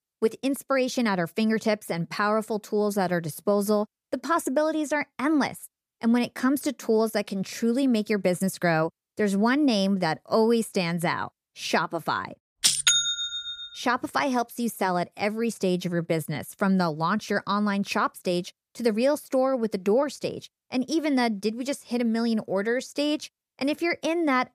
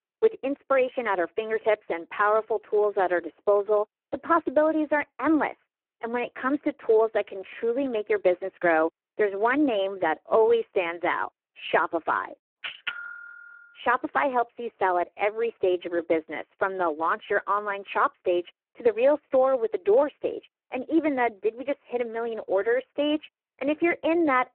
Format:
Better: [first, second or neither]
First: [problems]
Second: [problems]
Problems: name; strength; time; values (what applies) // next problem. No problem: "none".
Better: first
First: none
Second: phone-call audio; poor line